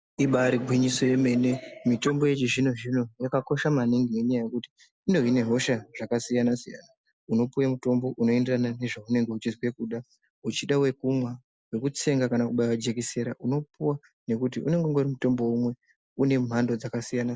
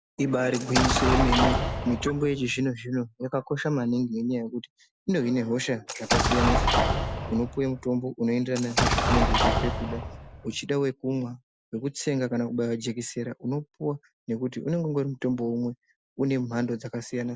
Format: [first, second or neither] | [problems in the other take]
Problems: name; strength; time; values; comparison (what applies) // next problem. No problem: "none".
first | background sound (Explosion); 2 dB above the speech